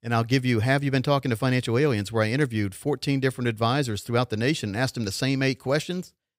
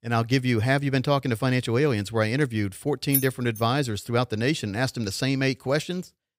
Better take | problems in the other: first | jangling keys; noticeable; at 3 s; peak 1 dB below the speech

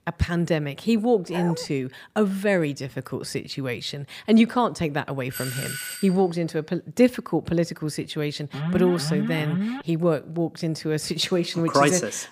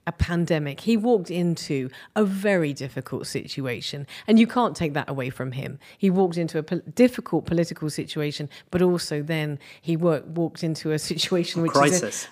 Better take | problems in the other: second | dog barking; noticeable; at 1.5 s; peak 9 dB below the speech // doorbell; noticeable; at 5.5 s; peak 6 dB below the speech // alarm; noticeable; from 8.5 to 10 s; peak 3 dB below the speech

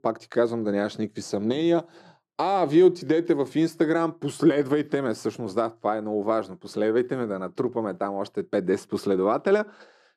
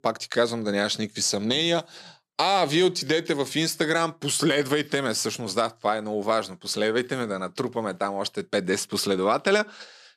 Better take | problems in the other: second | muffled; slightly; fading above 2 kHz

